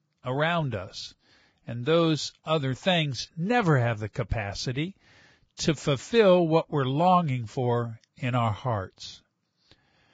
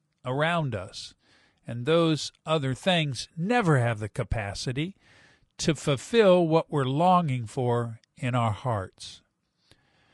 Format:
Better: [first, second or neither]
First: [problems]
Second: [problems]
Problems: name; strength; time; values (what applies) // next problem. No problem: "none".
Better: second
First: garbled, watery; badly; nothing above 7.5 kHz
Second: garbled, watery; slightly; nothing above 10.5 kHz